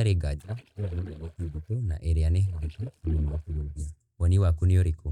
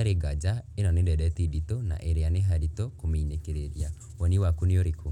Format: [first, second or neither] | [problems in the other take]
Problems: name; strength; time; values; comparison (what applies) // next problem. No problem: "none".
second | noise reduction (neural mask model DeepFilterNet 3)